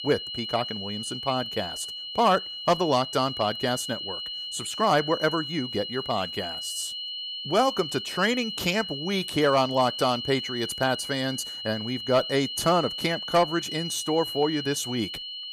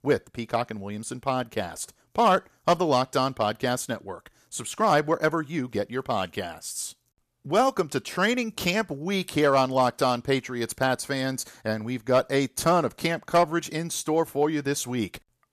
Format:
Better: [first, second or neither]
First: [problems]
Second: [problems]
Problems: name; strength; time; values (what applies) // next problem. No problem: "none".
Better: second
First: high-pitched whine; loud; throughout; 3 kHz, 6 dB below the speech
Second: none